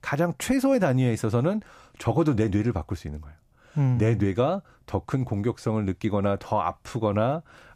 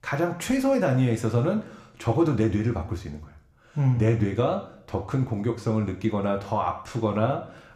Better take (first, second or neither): first